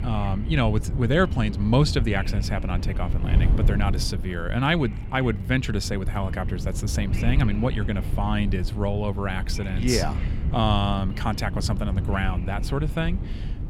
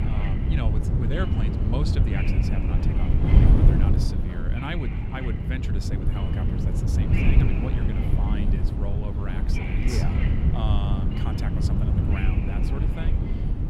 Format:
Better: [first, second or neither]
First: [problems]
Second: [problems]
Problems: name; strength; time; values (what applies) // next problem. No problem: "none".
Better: first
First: wind noise on the microphone; occasional gusts; 10 dB below the speech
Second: wind noise on the microphone; heavy; 3 dB above the speech